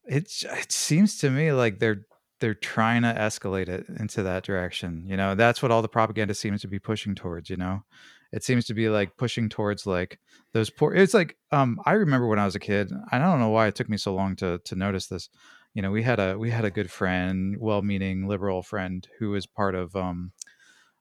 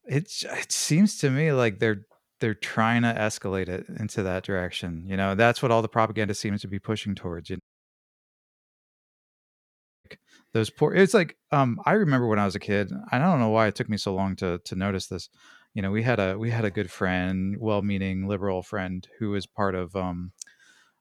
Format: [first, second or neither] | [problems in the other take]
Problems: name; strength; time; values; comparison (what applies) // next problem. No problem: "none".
first | audio cutting out; at 7.5 s for 2.5 s